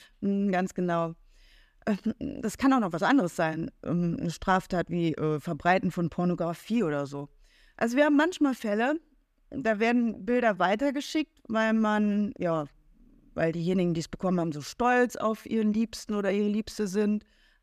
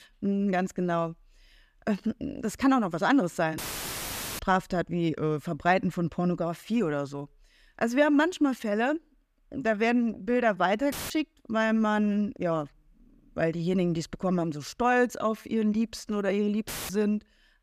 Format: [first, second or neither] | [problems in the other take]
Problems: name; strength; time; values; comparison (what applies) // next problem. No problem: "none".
first | audio cutting out; filled with static; at 3.5 s for 1 s, at 11 s and at 17 s